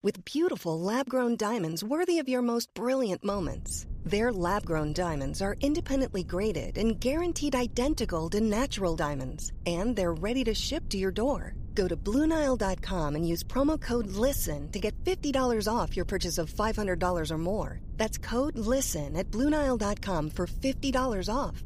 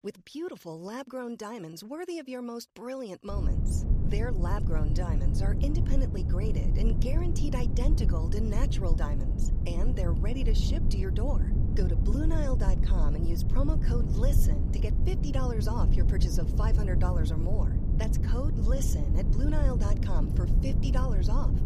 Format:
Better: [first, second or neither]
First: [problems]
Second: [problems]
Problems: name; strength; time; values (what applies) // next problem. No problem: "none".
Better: first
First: low rumble; faint; from 3.5 s on; 25 dB below the speech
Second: low rumble; loud; from 3.5 s on; 3 dB below the speech